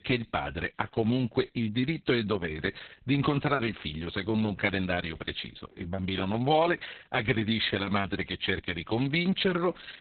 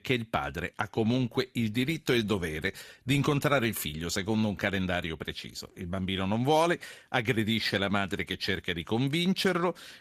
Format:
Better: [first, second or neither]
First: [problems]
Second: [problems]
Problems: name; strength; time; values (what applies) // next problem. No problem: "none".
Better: second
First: garbled, watery; badly; nothing above 4 kHz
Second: garbled, watery; slightly; nothing above 14 kHz